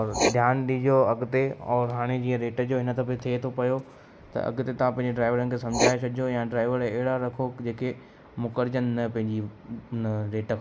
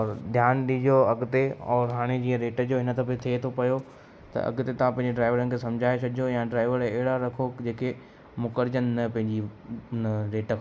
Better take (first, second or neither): second